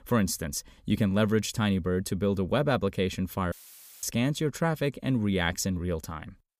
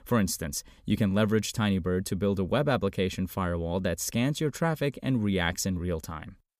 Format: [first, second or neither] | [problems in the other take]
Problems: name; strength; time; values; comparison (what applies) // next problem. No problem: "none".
second | audio cutting out; filled with static; at 3.5 s for 0.5 s